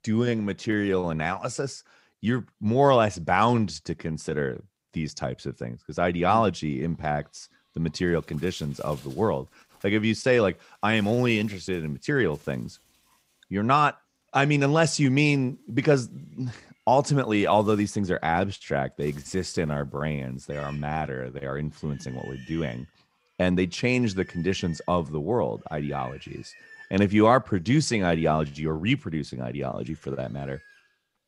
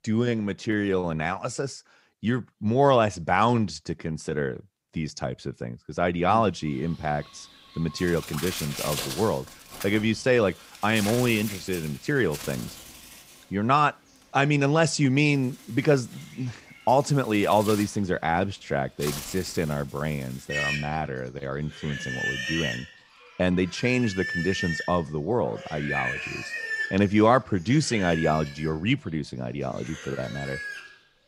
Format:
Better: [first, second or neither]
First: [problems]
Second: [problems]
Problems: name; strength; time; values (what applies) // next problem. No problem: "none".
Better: first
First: animal sounds; faint; from 6.5 s on; 25 dB below the speech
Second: animal sounds; loud; from 6.5 s on; 8 dB below the speech